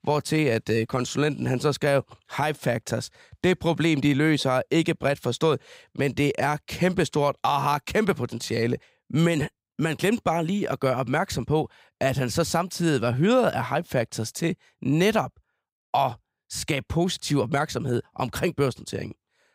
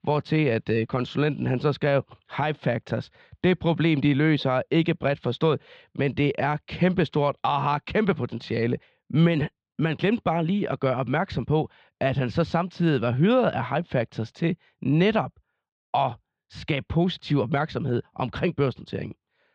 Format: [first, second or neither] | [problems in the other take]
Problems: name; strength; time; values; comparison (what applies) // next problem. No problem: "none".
first | muffled; slightly; fading above 3.5 kHz